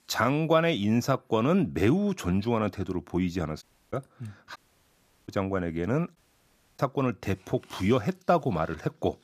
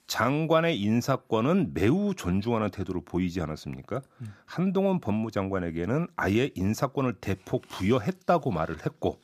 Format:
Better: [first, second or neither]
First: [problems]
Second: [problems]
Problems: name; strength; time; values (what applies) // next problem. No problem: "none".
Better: second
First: audio cutting out; at 3.5 s, at 4.5 s for 0.5 s and at 6 s for 0.5 s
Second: none